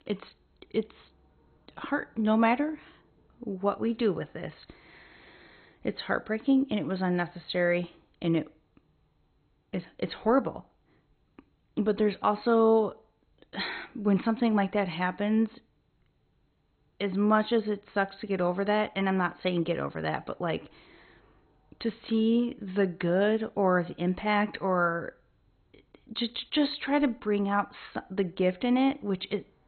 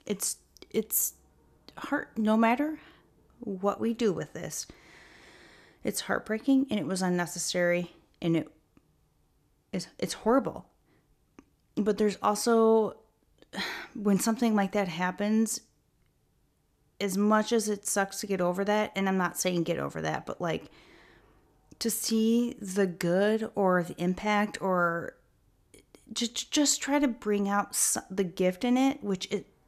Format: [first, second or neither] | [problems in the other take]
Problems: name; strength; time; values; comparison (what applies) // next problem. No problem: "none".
second | garbled, watery; badly; nothing above 4 kHz